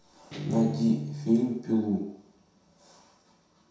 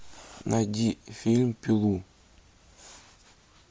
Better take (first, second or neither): second